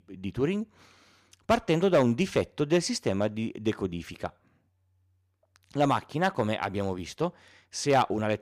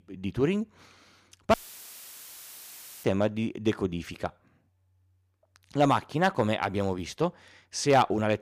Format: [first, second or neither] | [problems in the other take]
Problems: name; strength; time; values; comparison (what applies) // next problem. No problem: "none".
first | audio cutting out; filled with static; at 1.5 s for 1.5 s